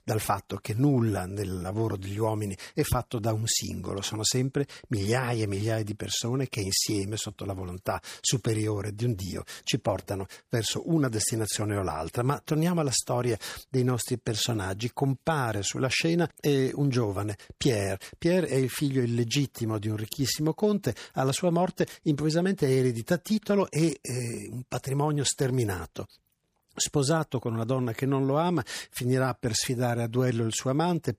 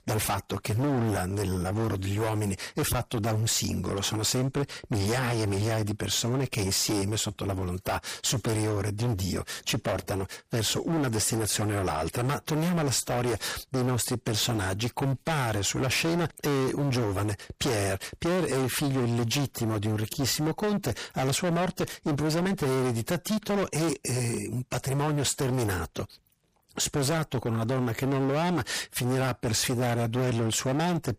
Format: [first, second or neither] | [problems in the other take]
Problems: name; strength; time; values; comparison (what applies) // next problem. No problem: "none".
first | distortion; heavy; 28% of the sound clipped